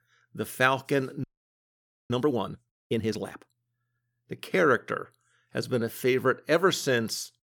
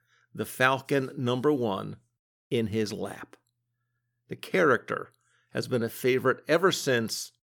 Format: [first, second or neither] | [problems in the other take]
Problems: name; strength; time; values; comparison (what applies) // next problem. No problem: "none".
second | audio freezing; at 1 s for 1 s